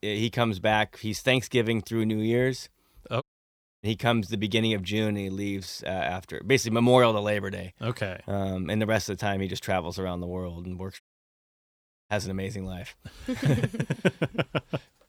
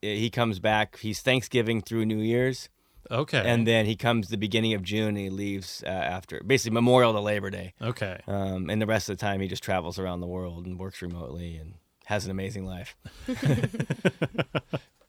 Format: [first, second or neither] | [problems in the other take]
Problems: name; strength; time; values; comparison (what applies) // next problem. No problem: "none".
second | audio cutting out; at 3 s for 0.5 s and at 11 s for 1 s